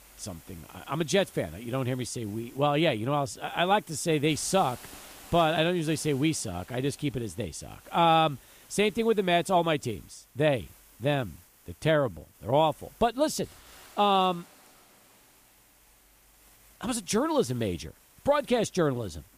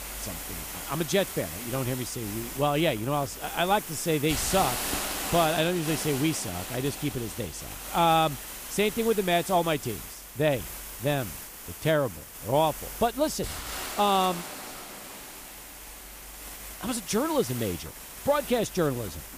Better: first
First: hiss; faint; throughout; 25 dB below the speech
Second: hiss; loud; throughout; 8 dB below the speech

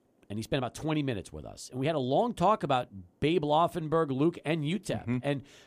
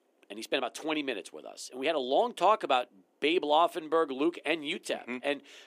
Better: first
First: none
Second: thin; somewhat; fading below 300 Hz

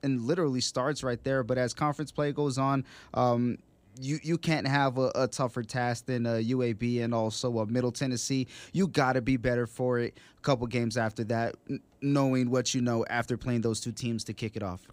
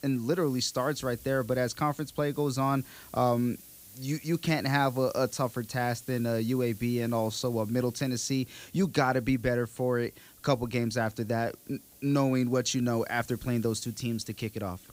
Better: first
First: none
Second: hiss; noticeable; throughout; 20 dB below the speech

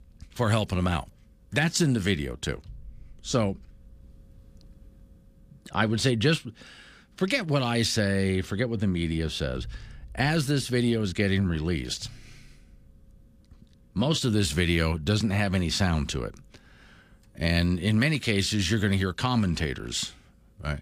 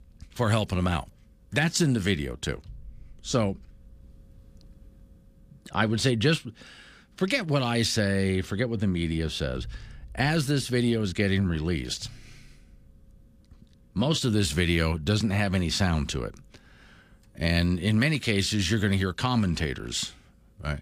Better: neither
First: none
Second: none

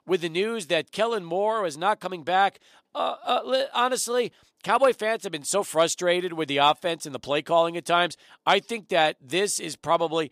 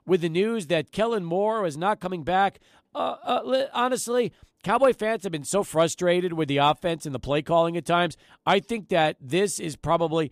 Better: second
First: thin; very slightly; fading below 1 kHz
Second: none

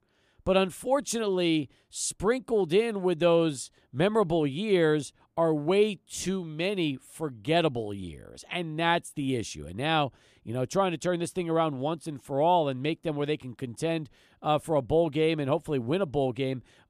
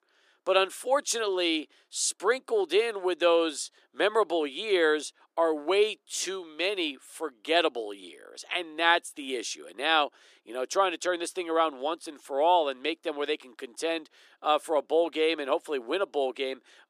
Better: first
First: none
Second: thin; very; fading below 350 Hz

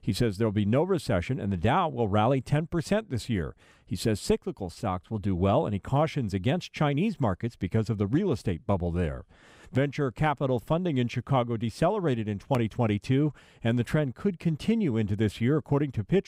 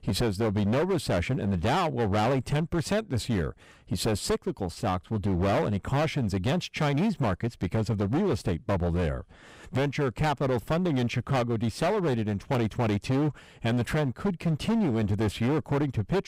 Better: first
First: none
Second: distortion; heavy; 20% of the sound clipped

